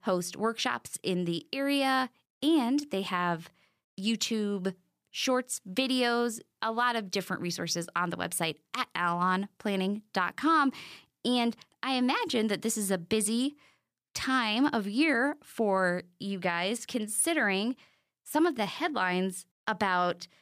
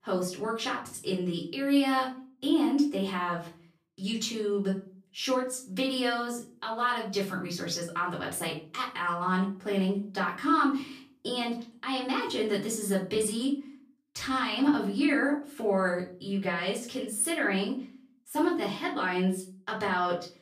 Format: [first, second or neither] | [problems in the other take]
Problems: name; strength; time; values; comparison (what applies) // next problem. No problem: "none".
first | off-mic speech; far // room echo; slight; dies away in 0.3 s